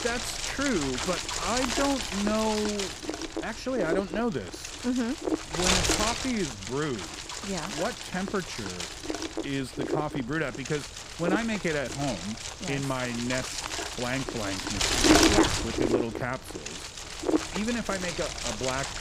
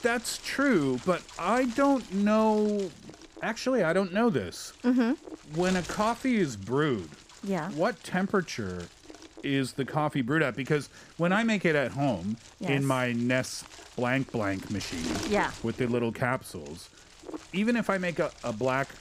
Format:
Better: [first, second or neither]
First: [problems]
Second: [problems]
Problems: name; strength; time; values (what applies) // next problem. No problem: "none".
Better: second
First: wind noise on the microphone; heavy; 2 dB above the speech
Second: wind noise on the microphone; occasional gusts; 15 dB below the speech